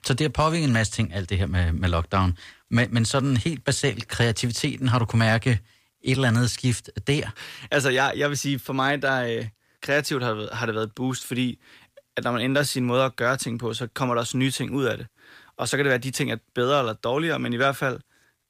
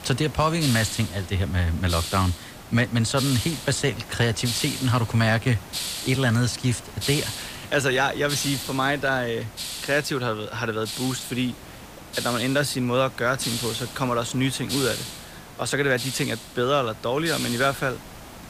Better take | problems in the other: first | hiss; loud; throughout; 8 dB below the speech

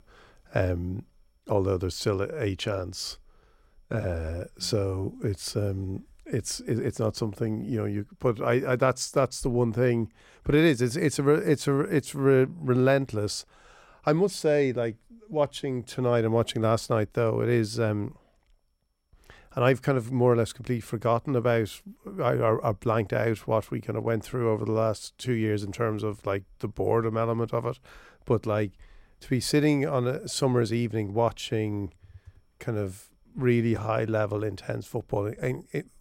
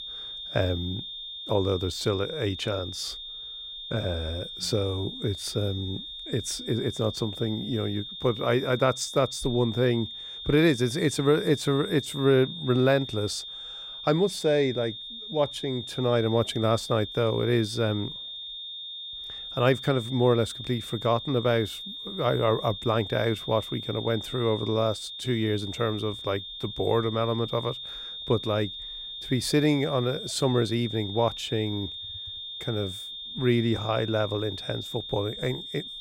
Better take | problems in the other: first | high-pitched whine; loud; throughout; 3.5 kHz, 9 dB below the speech

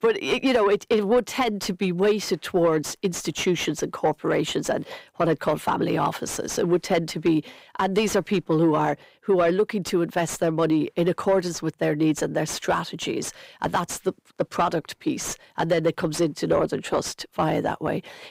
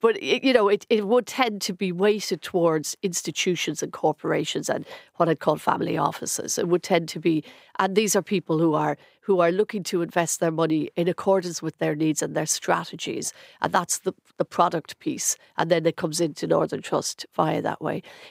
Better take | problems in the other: second | distortion; slight; 10 dB below the speech

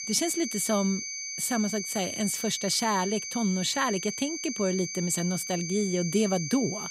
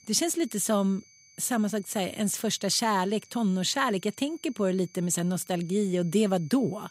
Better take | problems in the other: second | high-pitched whine; loud; throughout; 6 kHz, 5 dB below the speech; faint in the second

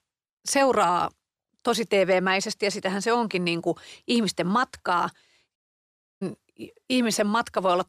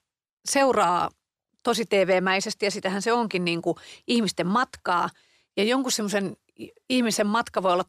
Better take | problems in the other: second | audio cutting out; at 5.5 s for 0.5 s

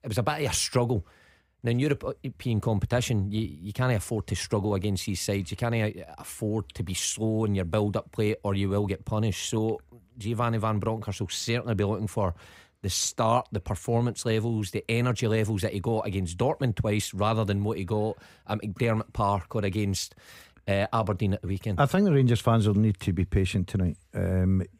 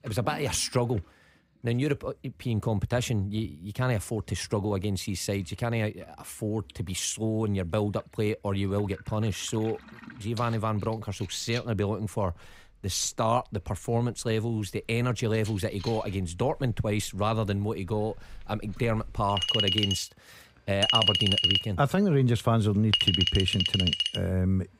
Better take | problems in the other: first | household noises; very loud; throughout; 3 dB above the speech

